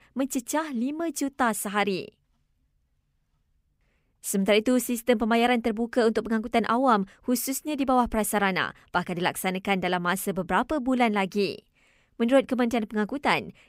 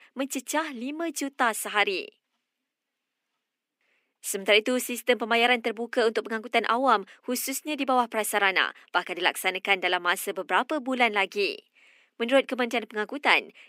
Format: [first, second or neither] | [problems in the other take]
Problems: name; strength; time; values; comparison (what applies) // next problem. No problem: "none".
first | thin; very slightly; fading below 250 Hz